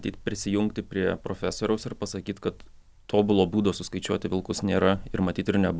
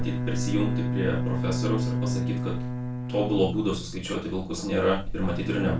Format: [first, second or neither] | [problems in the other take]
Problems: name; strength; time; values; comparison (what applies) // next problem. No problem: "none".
first | background sound (Bowed string instrument); 2 dB below the speech // room echo; dies away in 0.2 s